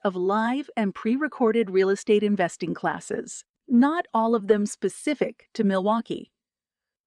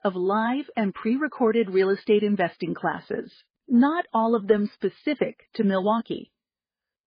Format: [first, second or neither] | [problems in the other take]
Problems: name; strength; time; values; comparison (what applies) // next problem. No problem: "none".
first | garbled, watery; badly; nothing above 5 kHz